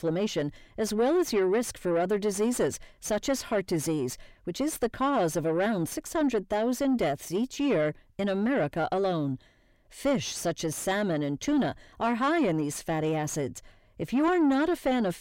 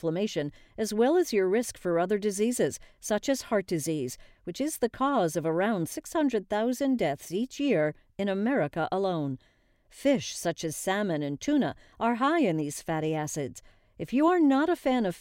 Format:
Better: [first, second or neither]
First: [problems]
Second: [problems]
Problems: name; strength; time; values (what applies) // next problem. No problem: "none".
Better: second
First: distortion; slight; 10 dB below the speech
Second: none